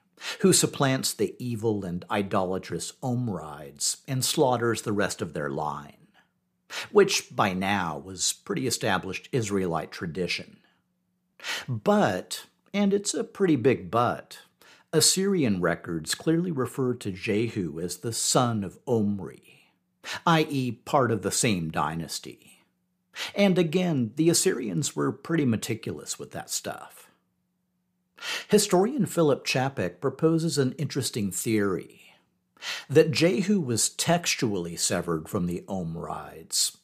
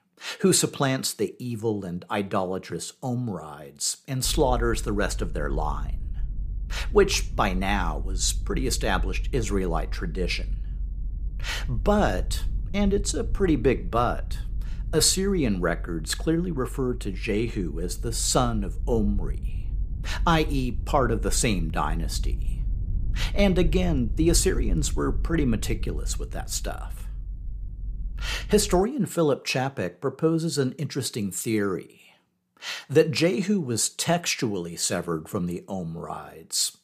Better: first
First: none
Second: low rumble; faint; from 4.5 to 29 s; 25 dB below the speech

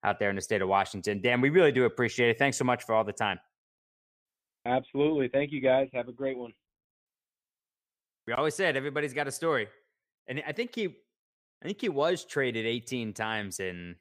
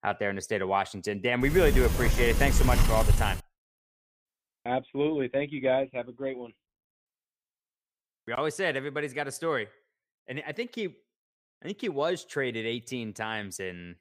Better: first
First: none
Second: door banging; loud; from 1.5 to 3.5 s; peak 4 dB above the speech

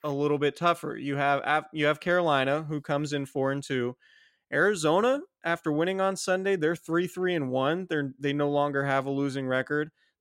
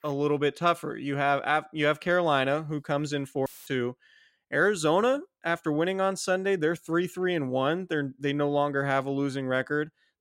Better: first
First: none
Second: audio cutting out; filled with static; at 3.5 s

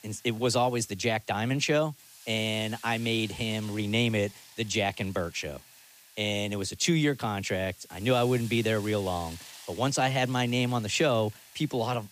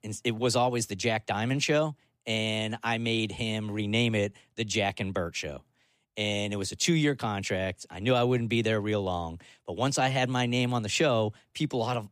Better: second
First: hiss; noticeable; throughout; 20 dB below the speech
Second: none

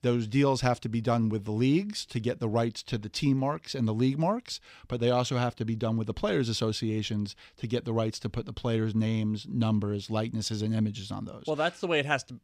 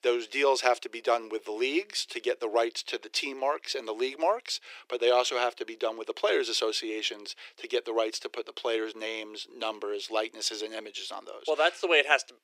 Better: first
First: none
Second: thin; very; fading below 350 Hz

